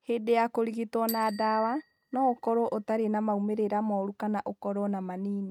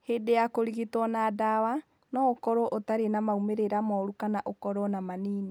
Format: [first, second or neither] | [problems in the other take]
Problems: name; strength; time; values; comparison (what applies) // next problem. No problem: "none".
second | noise reduction (neural mask model RNNoise)